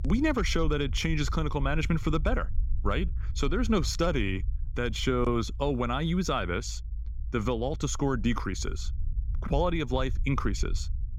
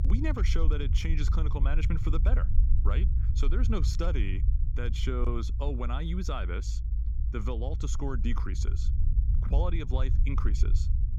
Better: first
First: low rumble; faint; throughout; 25 dB below the speech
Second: low rumble; loud; throughout; 10 dB below the speech

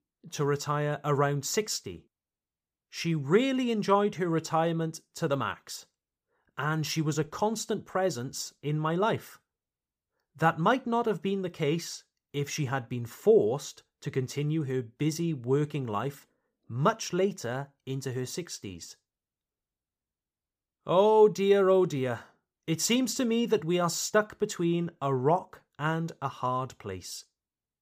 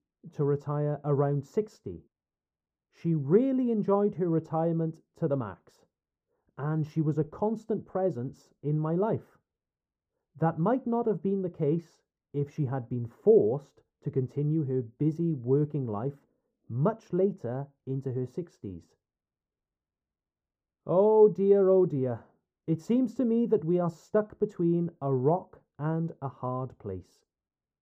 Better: first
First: none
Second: muffled; very; fading above 1.5 kHz

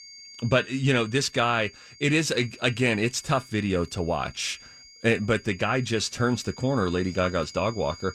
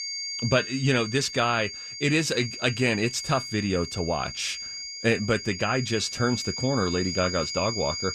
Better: first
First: high-pitched whine; faint; throughout; 5 kHz, 20 dB below the speech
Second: high-pitched whine; loud; throughout; 5 kHz, 7 dB below the speech

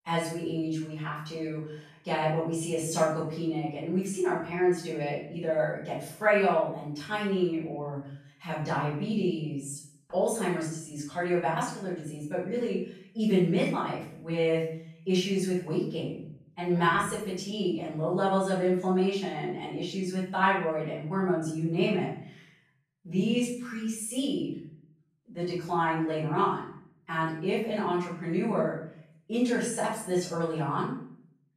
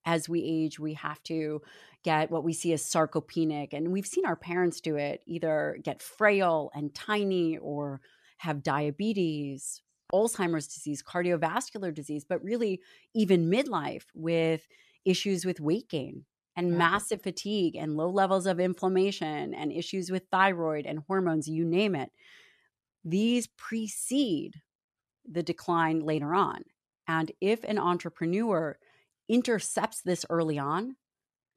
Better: second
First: off-mic speech; far // room echo; noticeable; dies away in 0.6 s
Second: none

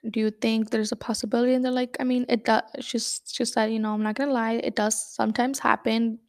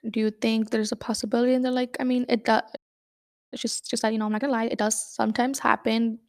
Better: first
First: none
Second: audio freezing; at 3 s for 1 s

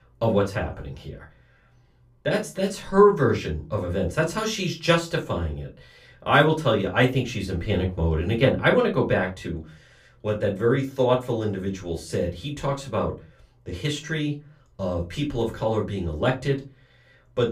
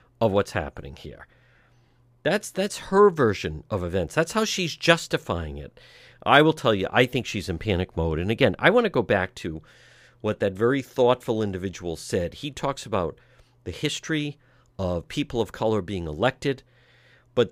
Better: second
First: off-mic speech; far // room echo; very slight; dies away in 0.2 s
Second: none

